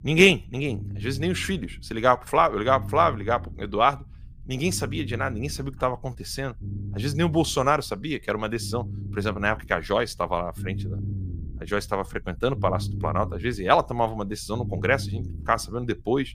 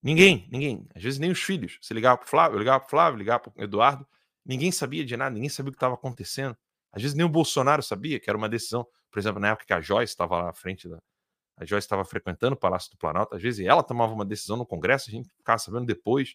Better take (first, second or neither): second